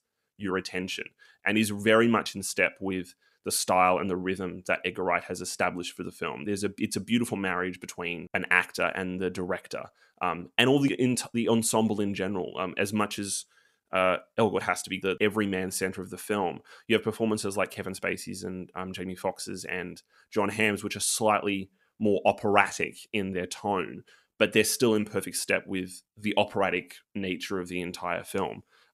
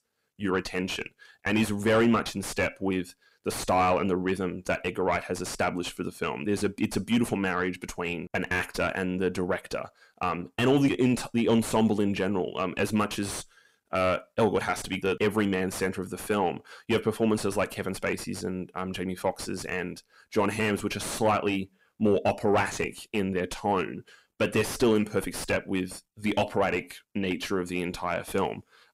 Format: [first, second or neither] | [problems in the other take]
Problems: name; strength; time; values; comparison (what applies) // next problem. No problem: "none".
first | distortion; heavy; 6 dB below the speech